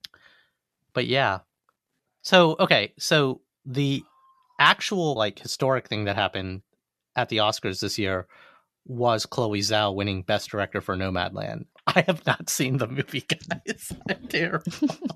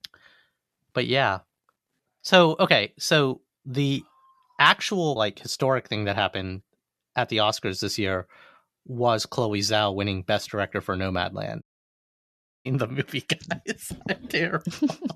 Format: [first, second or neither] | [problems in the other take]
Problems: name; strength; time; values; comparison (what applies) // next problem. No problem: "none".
first | audio cutting out; at 12 s for 1 s